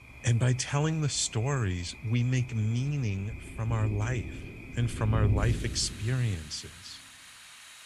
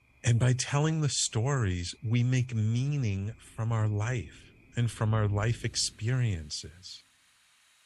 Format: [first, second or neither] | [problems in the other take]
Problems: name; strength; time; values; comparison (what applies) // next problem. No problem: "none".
second | rain or running water; loud; throughout; 9 dB below the speech; faint in the second